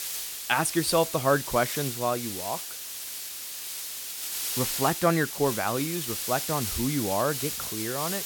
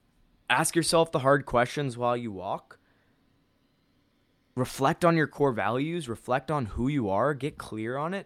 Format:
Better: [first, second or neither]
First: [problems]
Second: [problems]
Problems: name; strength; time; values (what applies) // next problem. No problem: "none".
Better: second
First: hiss; loud; throughout; 4 dB below the speech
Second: none